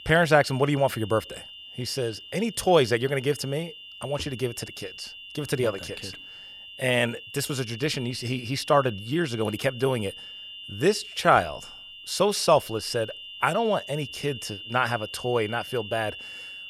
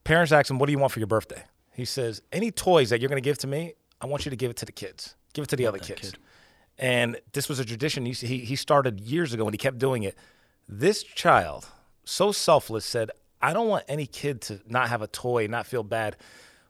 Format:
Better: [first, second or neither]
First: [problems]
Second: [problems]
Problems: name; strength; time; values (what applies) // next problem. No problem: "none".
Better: second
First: high-pitched whine; noticeable; throughout; 3 kHz, 15 dB below the speech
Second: none